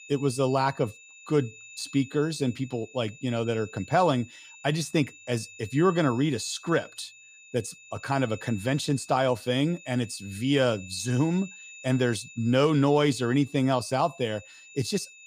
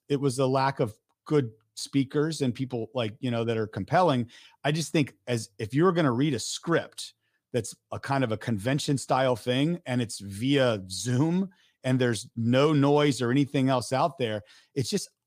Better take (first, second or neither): second